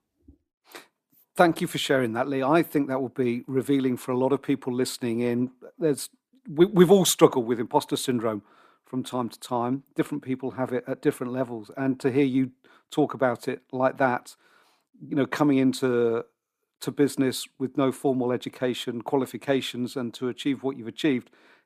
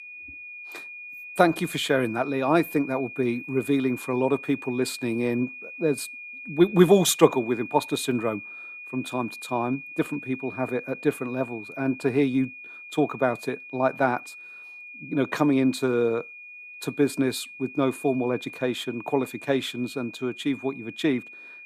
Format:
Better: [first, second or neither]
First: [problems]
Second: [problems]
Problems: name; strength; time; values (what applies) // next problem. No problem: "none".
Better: first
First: none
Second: high-pitched whine; noticeable; throughout; 2.5 kHz, 15 dB below the speech